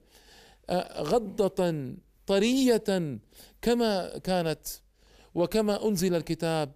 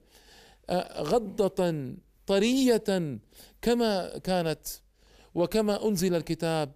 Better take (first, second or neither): neither